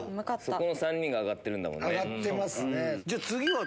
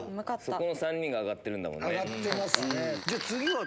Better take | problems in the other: first | background sound (Fire); 4 dB below the speech

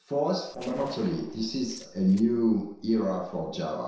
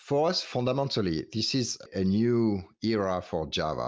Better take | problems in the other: second | noise reduction (neural separator model SepFormer DNS4)

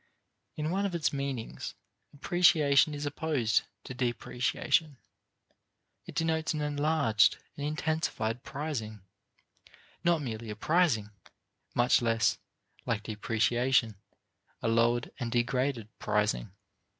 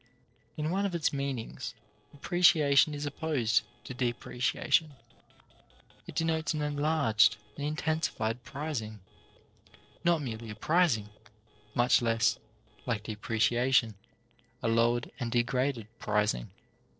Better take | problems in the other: first | noise reduction (neural separator model SepFormer DNS4)

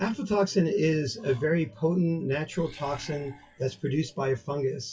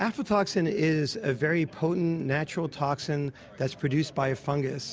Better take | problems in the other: second | noise reduction (classical method WPE with log-MMSE)

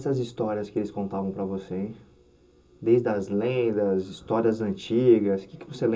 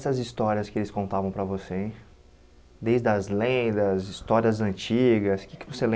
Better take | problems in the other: second | room echo; dies away in 0.2 s

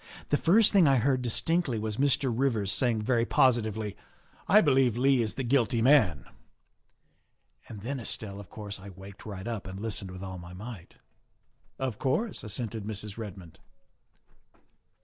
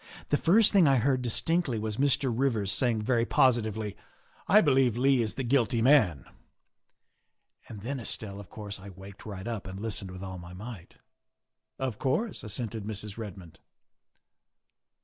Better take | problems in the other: second | background sound (Alarm / Insect); 18 dB below the speech

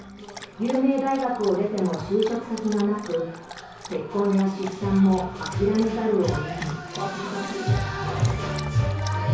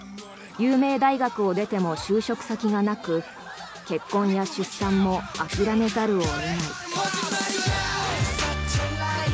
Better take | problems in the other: second | background sound (Dog); 19 dB below the speech // room echo; dies away in 0.6 s

